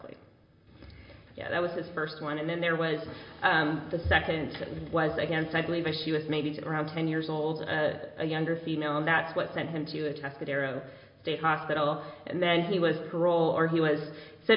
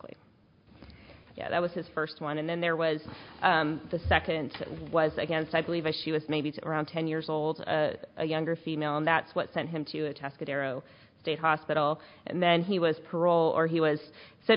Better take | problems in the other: second | room echo; dies away in 1.5 s

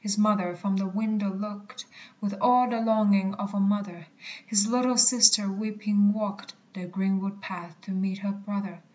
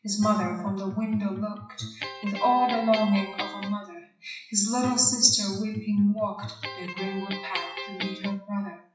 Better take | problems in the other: first | noise reduction (classical method WPE with log-MMSE)

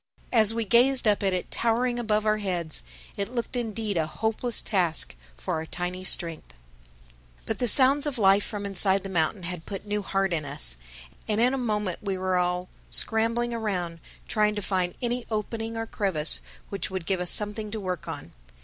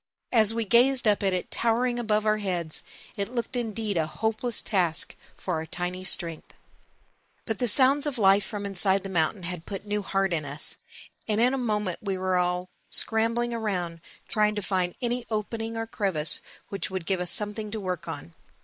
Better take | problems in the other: first | noise reduction (neural mask model Resemble Enhance denoiser)

